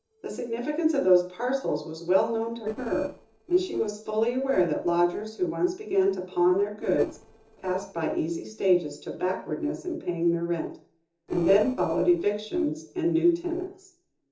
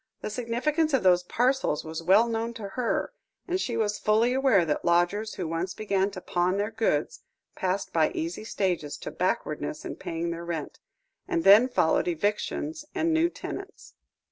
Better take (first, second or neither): second